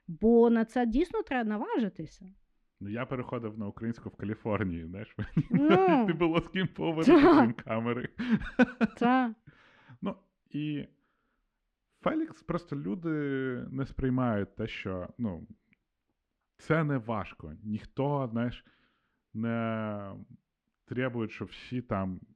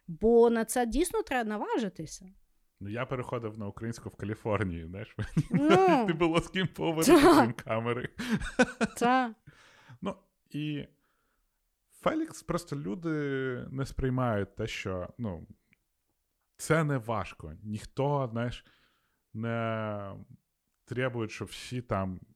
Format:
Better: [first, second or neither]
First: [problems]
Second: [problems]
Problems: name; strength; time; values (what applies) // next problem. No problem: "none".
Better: second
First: muffled; slightly; fading above 3 kHz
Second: none